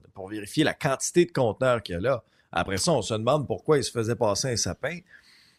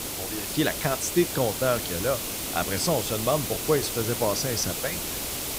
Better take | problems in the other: first | hiss; loud; throughout; 2 dB below the speech

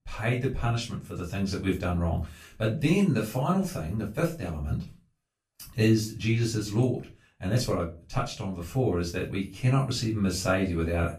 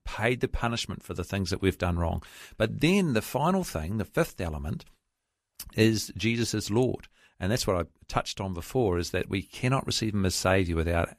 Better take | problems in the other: second | off-mic speech; far // room echo; slight; dies away in 0.3 s

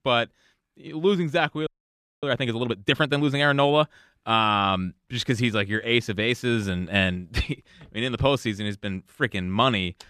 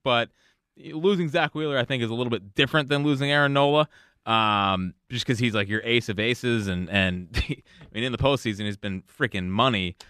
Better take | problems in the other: second | audio freezing; at 1.5 s for 0.5 s

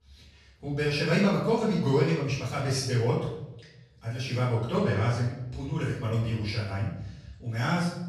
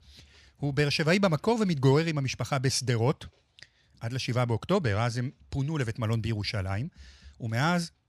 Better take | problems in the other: second | off-mic speech; far // room echo; noticeable; dies away in 0.7 s

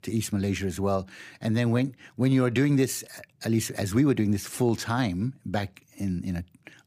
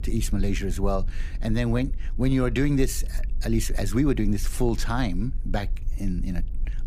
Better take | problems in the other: first | low rumble; faint; throughout; 25 dB below the speech

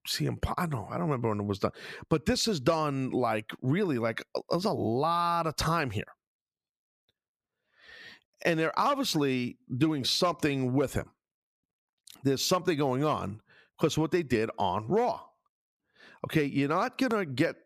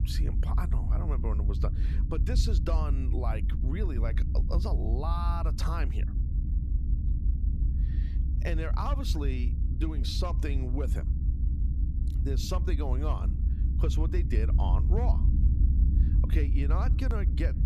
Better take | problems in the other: first | low rumble; loud; throughout; 7 dB below the speech

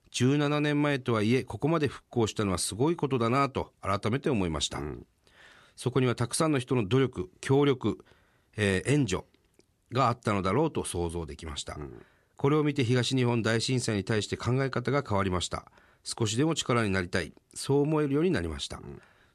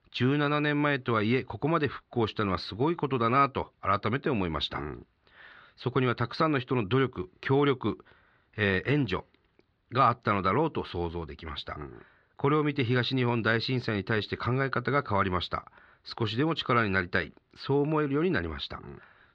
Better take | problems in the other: first | muffled; slightly; fading above 4 kHz

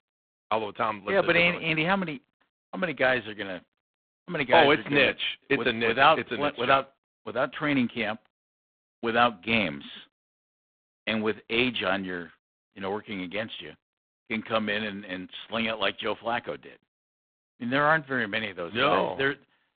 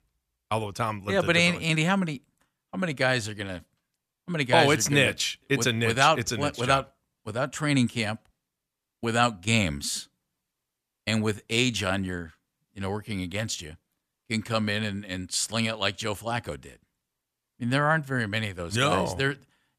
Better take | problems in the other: second | phone-call audio; poor line; nothing above 3.5 kHz

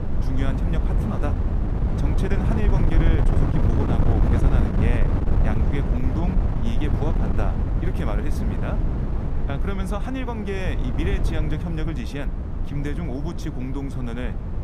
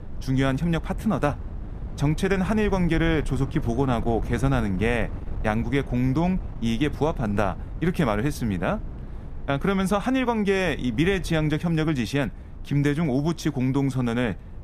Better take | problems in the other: second | wind noise on the microphone; heavy; as loud as the speech; occasional gusts in the second

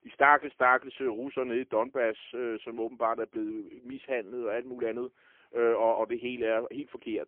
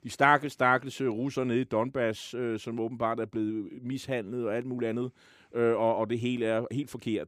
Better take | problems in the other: second | phone-call audio; poor line; nothing above 3.5 kHz

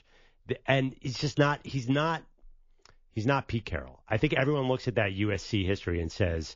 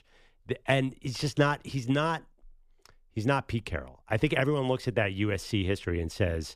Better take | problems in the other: second | garbled, watery; slightly; nothing above 6.5 kHz

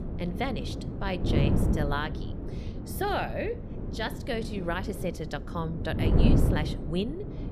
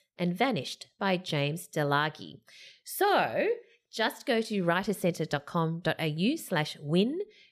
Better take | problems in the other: second | wind noise on the microphone; heavy; 5 dB below the speech

